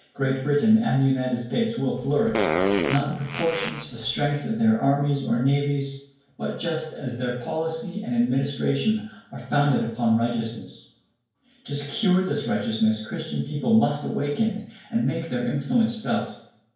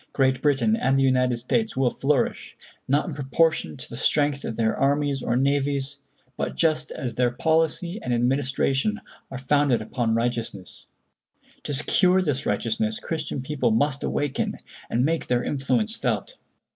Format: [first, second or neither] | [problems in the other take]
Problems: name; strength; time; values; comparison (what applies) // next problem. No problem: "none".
second | background sound (Fart); 3 dB below the speech // room echo; dies away in 0.5 s